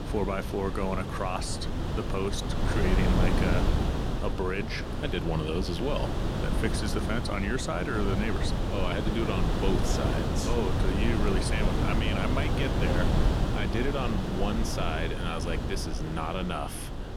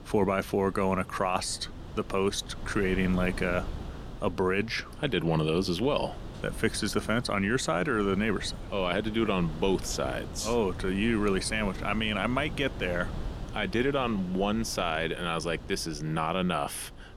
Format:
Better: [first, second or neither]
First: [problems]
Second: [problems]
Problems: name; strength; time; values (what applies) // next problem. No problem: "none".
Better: second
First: wind noise on the microphone; heavy; 2 dB below the speech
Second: wind noise on the microphone; occasional gusts; 15 dB below the speech